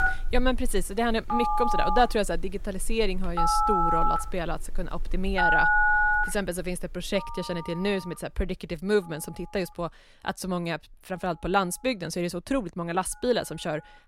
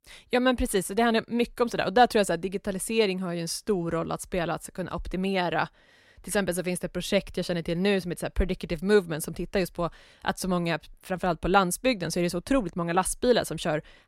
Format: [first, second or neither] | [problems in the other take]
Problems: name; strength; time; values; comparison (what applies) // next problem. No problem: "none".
second | alarms or sirens; very loud; throughout; 3 dB above the speech